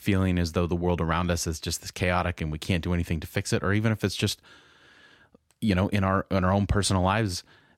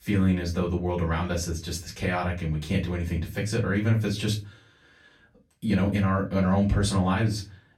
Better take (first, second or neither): first